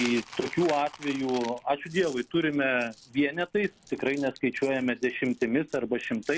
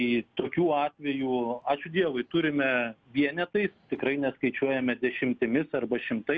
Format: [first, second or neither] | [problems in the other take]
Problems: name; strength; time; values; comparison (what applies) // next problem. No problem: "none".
second | background sound (Coin (dropping)); 18 dB below the speech